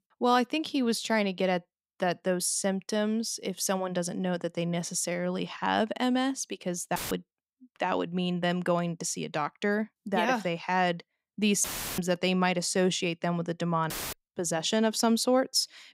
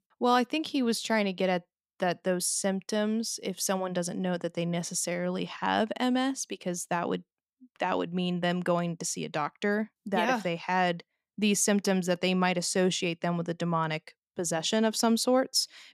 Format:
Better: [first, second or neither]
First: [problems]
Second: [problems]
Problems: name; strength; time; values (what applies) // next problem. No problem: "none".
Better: second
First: audio cutting out; filled with static; at 7 s, at 12 s and at 14 s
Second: none